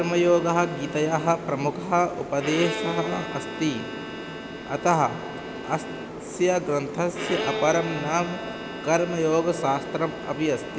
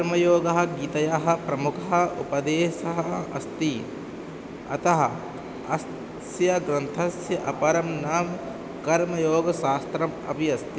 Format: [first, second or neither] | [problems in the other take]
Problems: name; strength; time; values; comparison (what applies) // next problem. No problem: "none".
second | background sound (Bowed string instrument); 11 dB below the speech